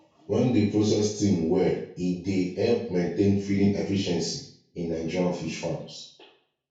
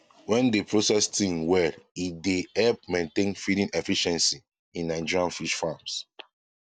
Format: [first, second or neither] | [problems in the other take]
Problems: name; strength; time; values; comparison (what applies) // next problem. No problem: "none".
second | room echo; dies away in 0.6 s